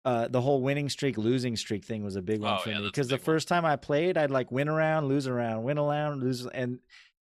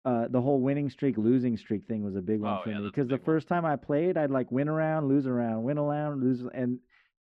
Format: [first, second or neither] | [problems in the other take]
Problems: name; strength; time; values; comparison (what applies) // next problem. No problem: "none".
first | muffled; very; fading above 4 kHz